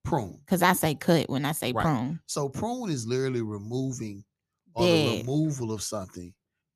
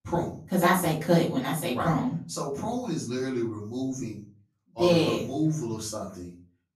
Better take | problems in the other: first | off-mic speech; far // room echo; slight; dies away in 0.3 s

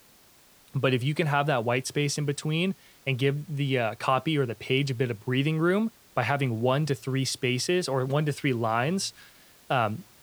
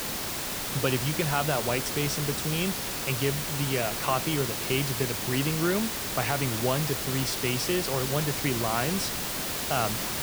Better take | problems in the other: first | hiss; loud; throughout; as loud as the speech; faint in the first

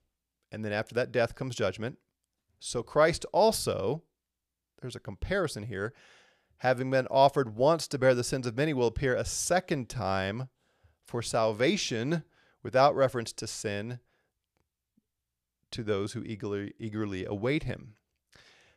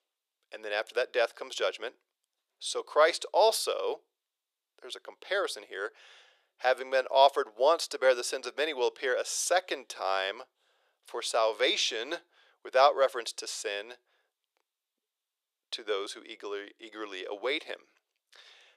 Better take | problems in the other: first | thin; very; fading below 400 Hz

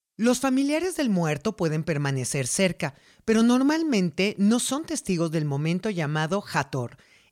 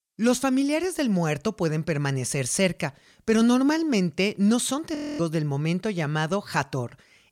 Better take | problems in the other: first | audio freezing; at 5 s

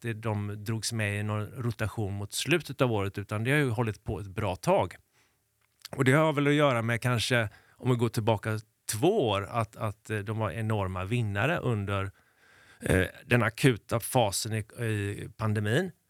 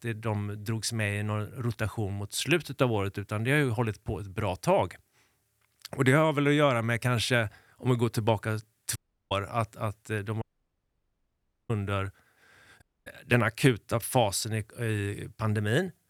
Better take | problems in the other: first | audio cutting out; at 9 s, at 10 s for 1.5 s and at 13 s

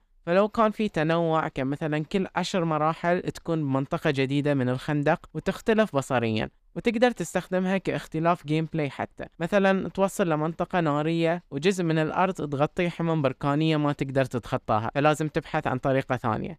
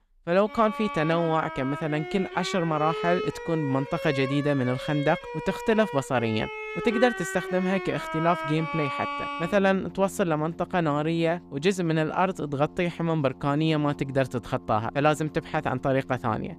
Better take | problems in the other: first | background music; loud; throughout; 9 dB below the speech

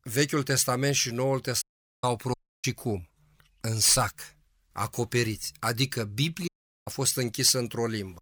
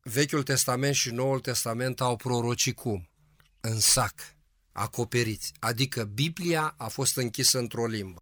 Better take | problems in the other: second | audio cutting out; at 1.5 s, at 2.5 s and at 6.5 s

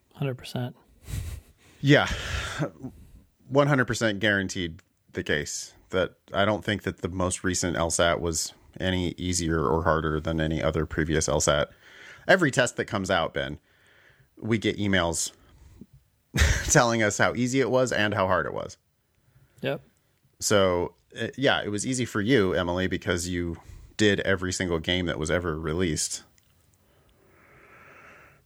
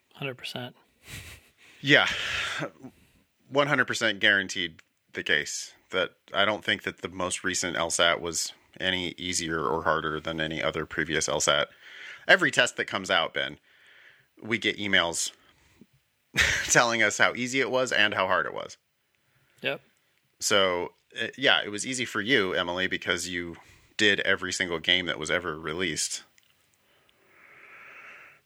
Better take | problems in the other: first | thin; somewhat; fading below 600 Hz

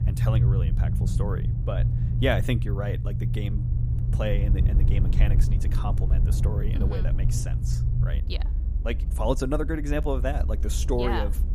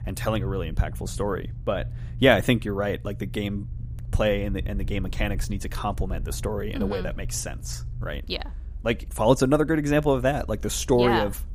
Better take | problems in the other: second | low rumble; loud; throughout; 7 dB below the speech; faint in the second

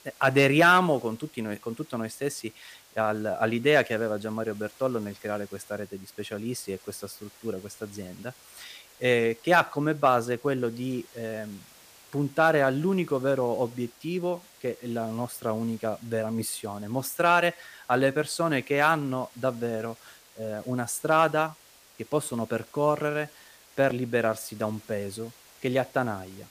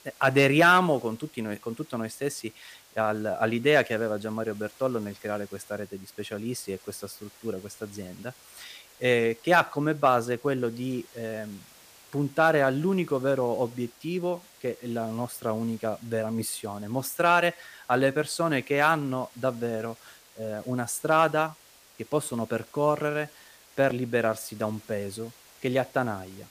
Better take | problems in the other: neither | hiss; faint; throughout; 25 dB below the speech; the same in both

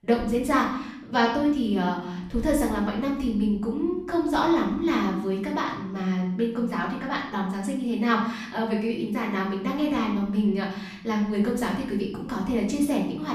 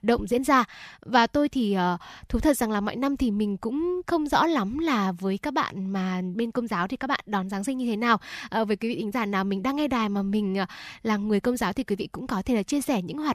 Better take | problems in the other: second | room echo; noticeable; dies away in 0.8 s // off-mic speech; far

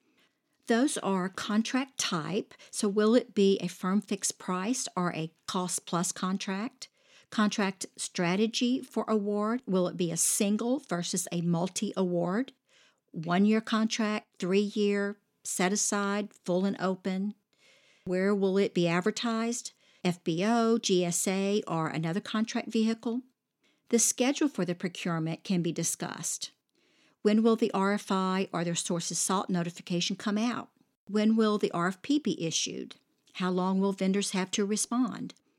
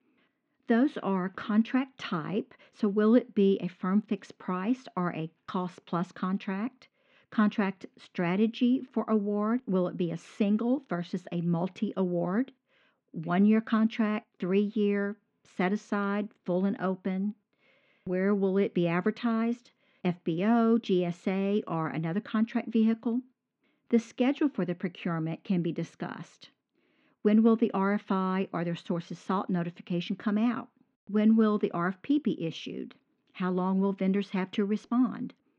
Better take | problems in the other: first | muffled; very; fading above 2.5 kHz

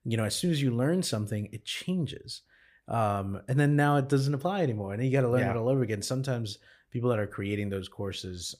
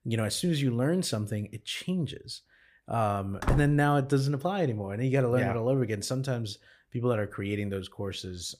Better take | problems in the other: first | door banging; noticeable; at 3.5 s; peak 3 dB below the speech

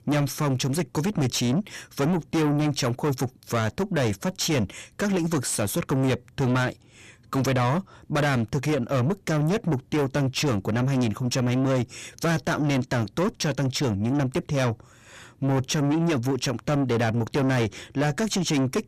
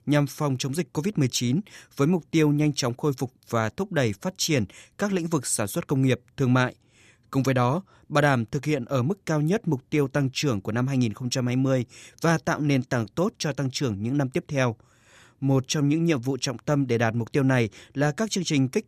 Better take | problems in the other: second | distortion; heavy; 7 dB below the speech

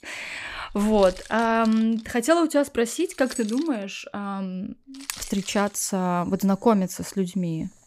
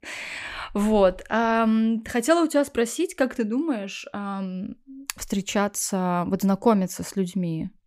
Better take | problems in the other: second | household noises; noticeable; throughout; 15 dB below the speech

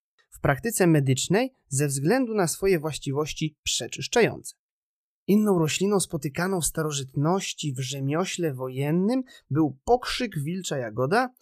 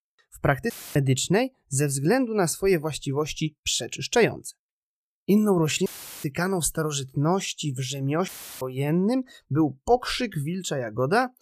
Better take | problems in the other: first | audio cutting out; filled with static; at 0.5 s, at 6 s and at 8.5 s

